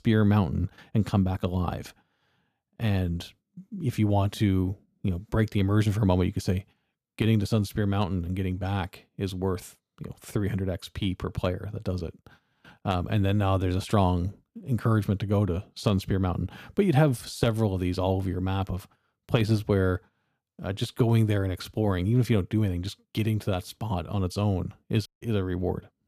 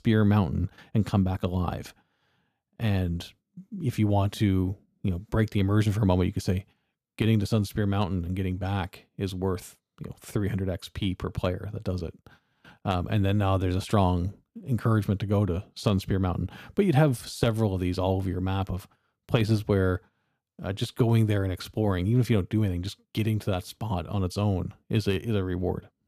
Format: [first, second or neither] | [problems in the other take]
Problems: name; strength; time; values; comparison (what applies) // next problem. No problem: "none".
second | audio cutting out; at 25 s